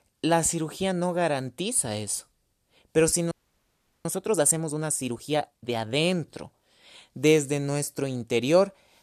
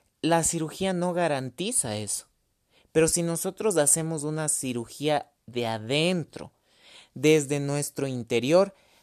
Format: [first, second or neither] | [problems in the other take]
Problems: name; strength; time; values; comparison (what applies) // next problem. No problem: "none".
second | audio freezing; at 3.5 s for 0.5 s